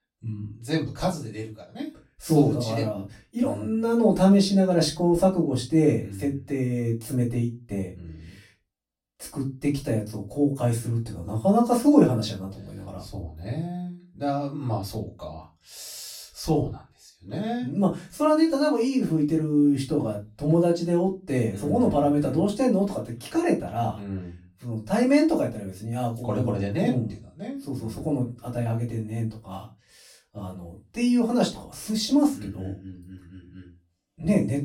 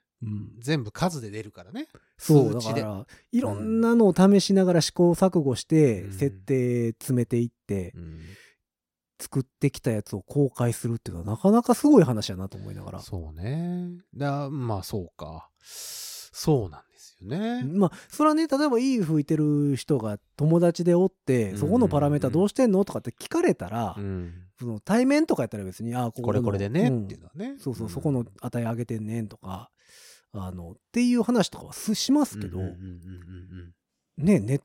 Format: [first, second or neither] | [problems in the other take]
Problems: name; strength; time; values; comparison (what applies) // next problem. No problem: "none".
second | off-mic speech; far // room echo; very slight; dies away in 0.2 s